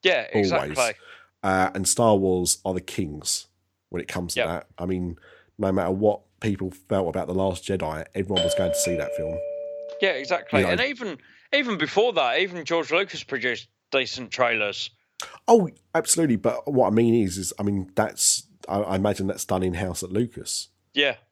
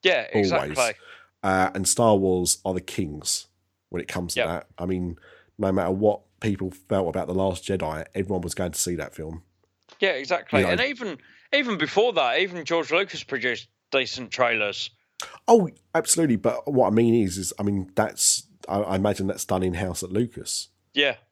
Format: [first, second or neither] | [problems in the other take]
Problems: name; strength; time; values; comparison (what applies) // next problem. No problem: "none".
second | doorbell; loud; from 8.5 to 10 s; peak level with the speech